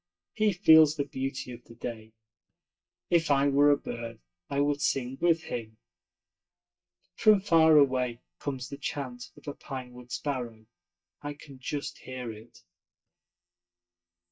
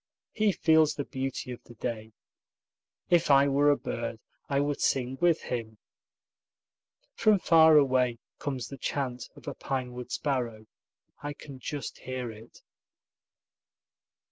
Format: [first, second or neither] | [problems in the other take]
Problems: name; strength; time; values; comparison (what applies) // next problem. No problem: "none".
second | noise reduction (neural mask model DeepFilterNet 3)